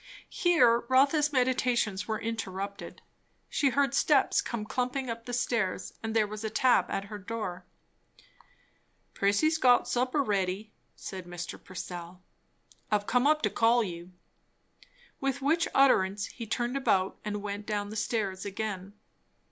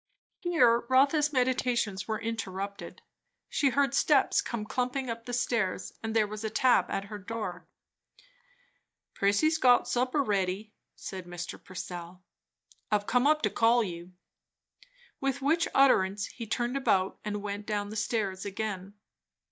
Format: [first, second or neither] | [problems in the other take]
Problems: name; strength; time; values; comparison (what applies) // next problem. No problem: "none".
first | noise reduction (neural mask model DeepFilterNet 3)